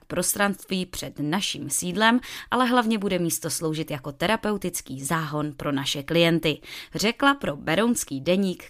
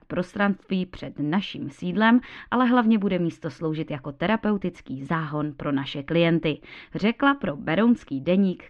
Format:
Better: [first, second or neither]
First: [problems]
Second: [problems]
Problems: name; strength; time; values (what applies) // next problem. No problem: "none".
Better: first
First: none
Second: muffled; very; fading above 2.5 kHz